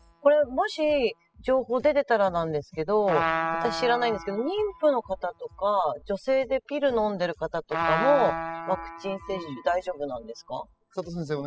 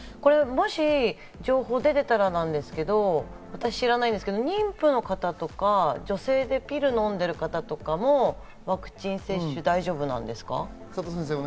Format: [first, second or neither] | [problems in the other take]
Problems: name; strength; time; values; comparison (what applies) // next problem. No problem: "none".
second | noise reduction (classical method spectral subtraction)